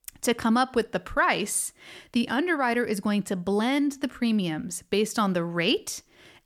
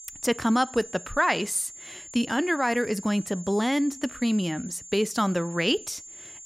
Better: first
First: none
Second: high-pitched whine; noticeable; throughout; 7 kHz, 15 dB below the speech

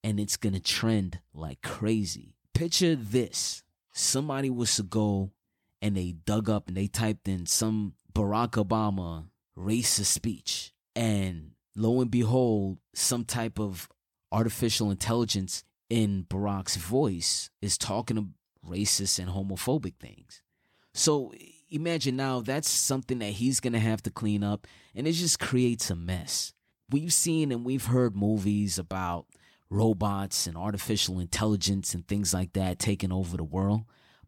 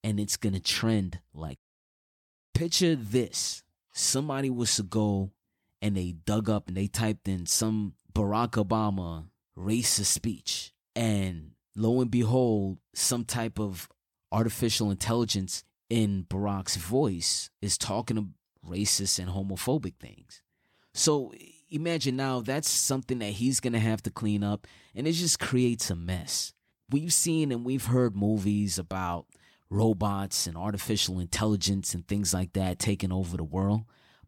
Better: first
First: none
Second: audio cutting out; at 1.5 s for 1 s

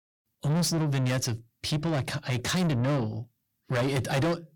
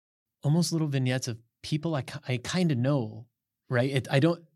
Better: second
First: distortion; heavy; 6 dB below the speech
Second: none

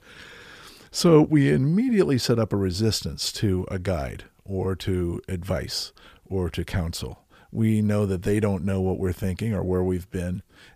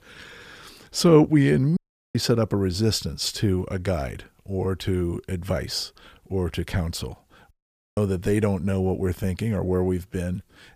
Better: first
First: none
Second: audio cutting out; at 2 s and at 7.5 s

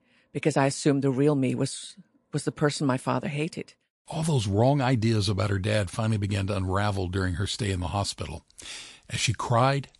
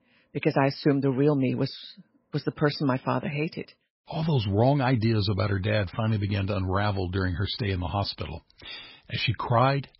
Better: first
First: garbled, watery; slightly; nothing above 11 kHz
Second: garbled, watery; badly; nothing above 5.5 kHz

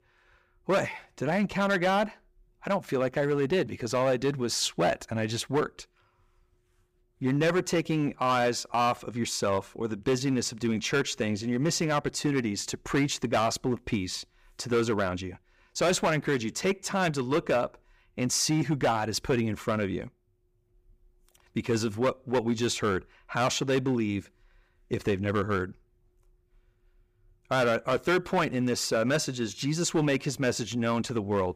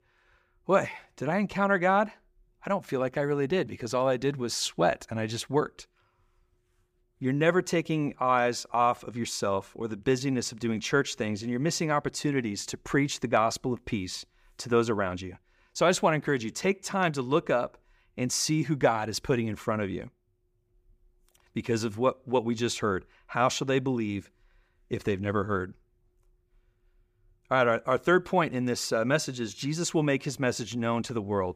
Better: second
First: distortion; slight; 6% of the sound clipped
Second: none

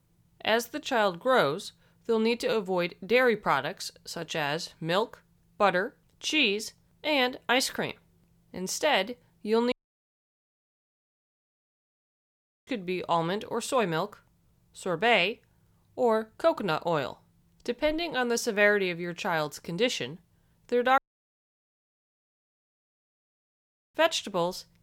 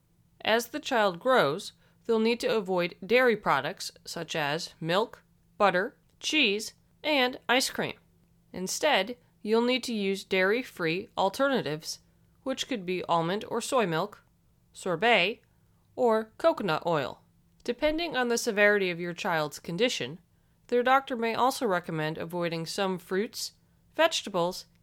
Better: second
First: audio cutting out; at 9.5 s for 3 s and at 21 s for 3 s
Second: none

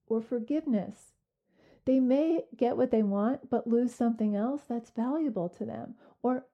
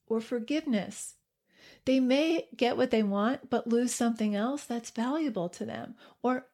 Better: second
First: muffled; very; fading above 1.5 kHz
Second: none

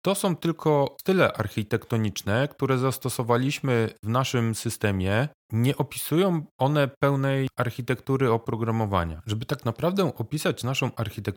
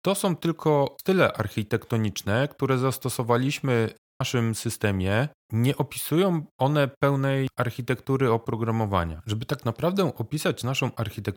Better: first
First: none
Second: audio cutting out; at 4 s

